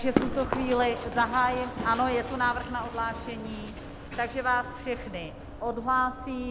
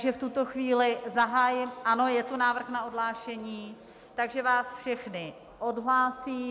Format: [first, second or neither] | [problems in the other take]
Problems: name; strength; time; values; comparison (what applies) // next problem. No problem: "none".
second | background sound (Run); 7 dB below the speech